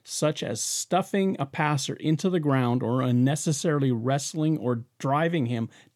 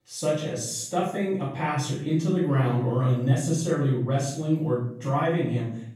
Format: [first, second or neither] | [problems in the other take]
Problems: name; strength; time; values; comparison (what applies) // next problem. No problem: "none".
first | off-mic speech; far // room echo; noticeable; dies away in 0.5 s